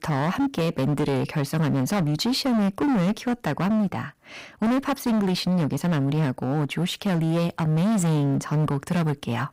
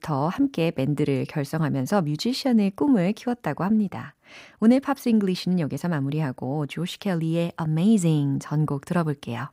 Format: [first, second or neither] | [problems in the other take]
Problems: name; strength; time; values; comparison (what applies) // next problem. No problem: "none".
second | distortion; heavy; 27% of the sound clipped